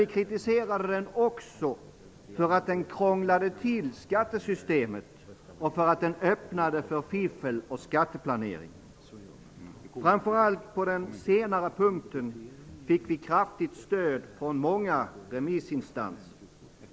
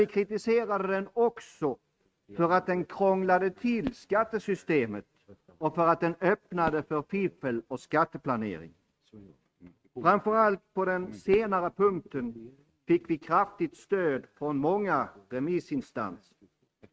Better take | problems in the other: first | noise reduction (neural mask model RNNoise)

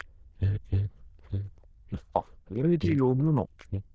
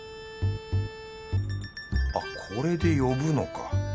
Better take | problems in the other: second | noise reduction (neural diffusion model UNIVERSE++)

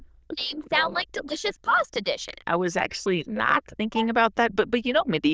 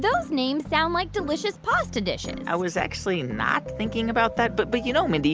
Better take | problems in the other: second | noise reduction (neural diffusion model UNIVERSE++)

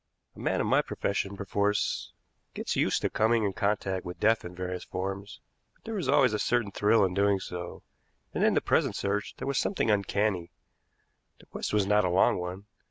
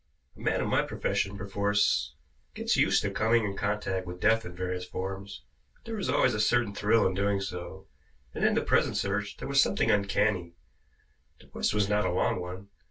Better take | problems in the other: first | room echo; dies away in 0.2 s

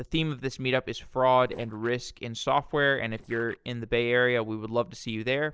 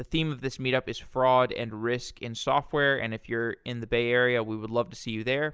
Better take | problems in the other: second | noise reduction (neural separator model SepFormer DNS4)

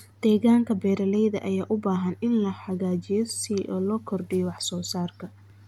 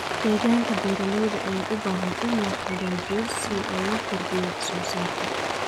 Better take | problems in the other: first | background sound (Rain); 2 dB below the speech

